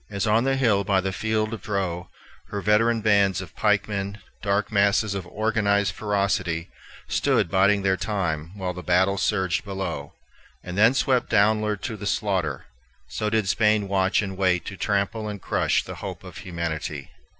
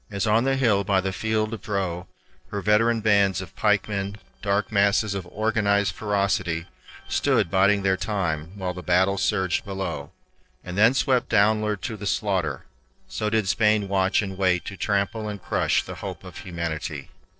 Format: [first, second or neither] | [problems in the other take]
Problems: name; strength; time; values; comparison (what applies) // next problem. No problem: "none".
first | noise reduction (neural separator model SepFormer DNS4)